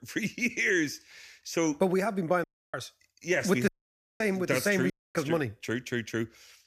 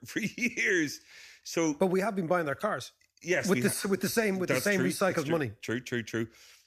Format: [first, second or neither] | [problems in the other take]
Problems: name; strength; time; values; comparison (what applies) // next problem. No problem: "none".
second | audio cutting out; at 2.5 s, at 3.5 s for 0.5 s and at 5 s